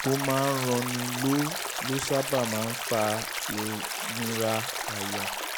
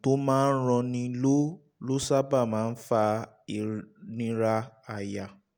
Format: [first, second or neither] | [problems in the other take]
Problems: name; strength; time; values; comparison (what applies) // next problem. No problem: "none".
second | background sound (Stream); 3 dB below the speech